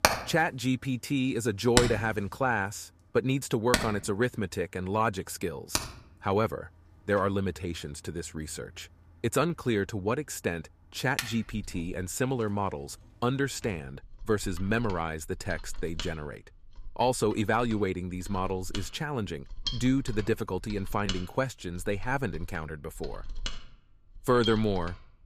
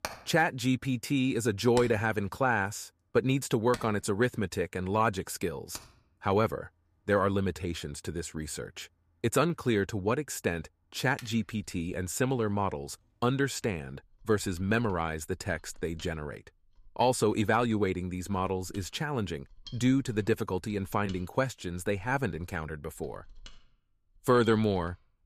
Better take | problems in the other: second | machinery noise; loud; throughout; 6 dB below the speech; faint in the second

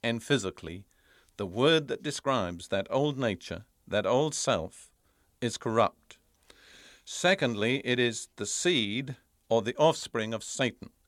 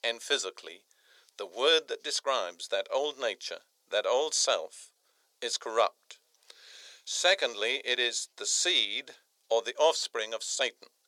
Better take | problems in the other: first | thin; very; fading below 450 Hz

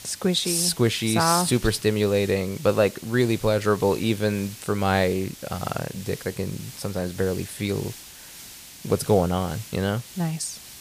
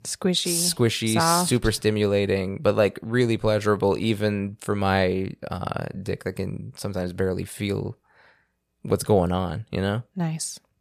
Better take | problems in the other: second | hiss; noticeable; throughout; 15 dB below the speech

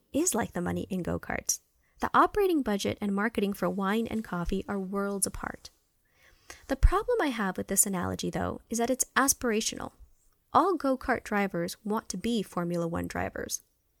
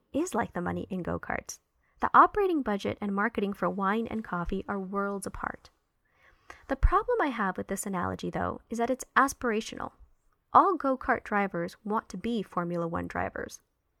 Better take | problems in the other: first | muffled; very; fading above 4 kHz

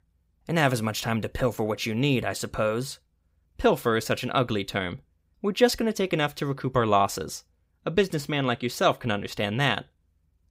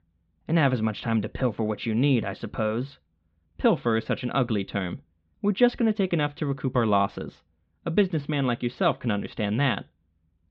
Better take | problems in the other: first | muffled; very; fading above 3.5 kHz

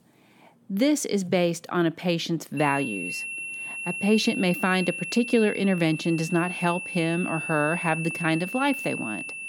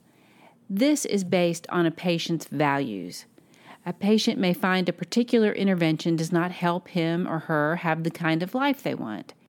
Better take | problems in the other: second | high-pitched whine; loud; from 2.5 s on; 2.5 kHz, 6 dB below the speech

